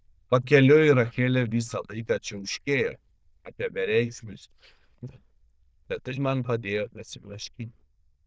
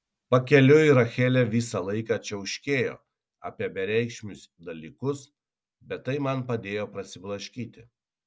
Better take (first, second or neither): second